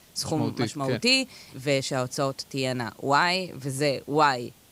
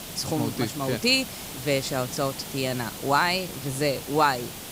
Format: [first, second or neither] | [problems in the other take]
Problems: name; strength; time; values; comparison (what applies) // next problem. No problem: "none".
first | hiss; loud; throughout; 10 dB below the speech; faint in the first